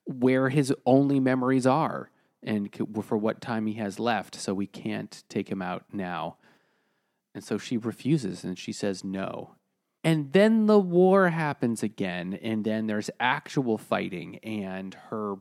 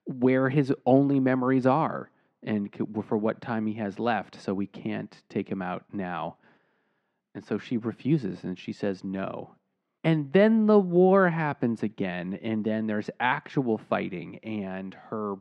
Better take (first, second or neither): first